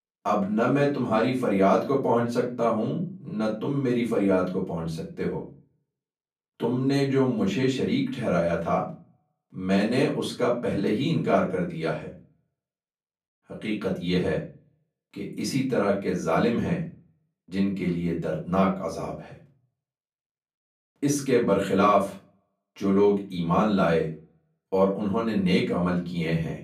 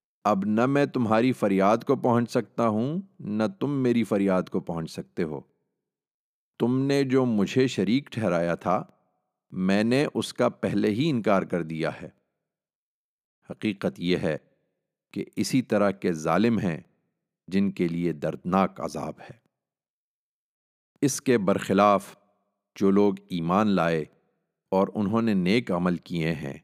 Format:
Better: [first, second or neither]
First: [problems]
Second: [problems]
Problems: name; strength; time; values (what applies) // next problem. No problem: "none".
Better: second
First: off-mic speech; far // room echo; slight; dies away in 0.3 s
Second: none